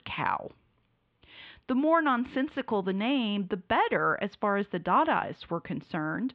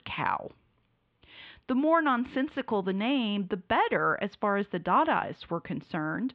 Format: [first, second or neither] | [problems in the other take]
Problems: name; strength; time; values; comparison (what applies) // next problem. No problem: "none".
neither | muffled; very; fading above 3.5 kHz; the same in both